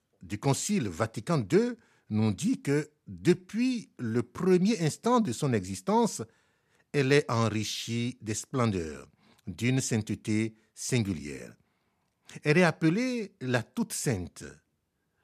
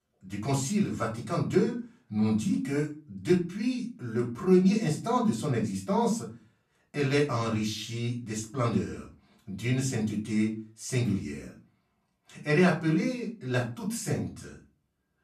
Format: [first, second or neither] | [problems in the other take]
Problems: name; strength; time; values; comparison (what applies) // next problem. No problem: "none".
first | room echo; slight; dies away in 0.3 s // off-mic speech; far